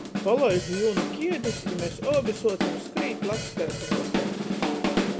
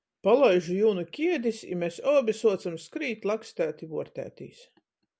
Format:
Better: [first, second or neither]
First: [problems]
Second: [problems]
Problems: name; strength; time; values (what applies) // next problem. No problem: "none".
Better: second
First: background sound (Drum kit); 1 dB below the speech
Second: none